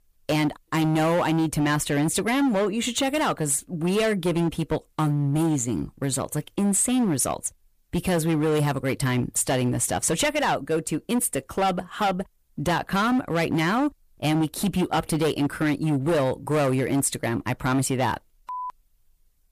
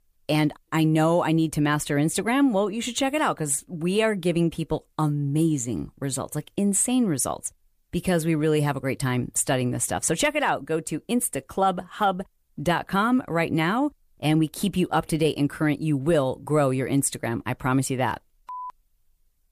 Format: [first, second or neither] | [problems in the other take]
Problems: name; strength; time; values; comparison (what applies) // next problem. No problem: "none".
second | distortion; slight; 16% of the sound clipped